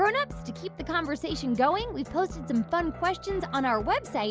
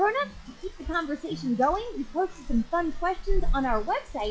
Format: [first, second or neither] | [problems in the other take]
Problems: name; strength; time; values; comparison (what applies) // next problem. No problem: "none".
first | noise reduction (classical method log-MMSE)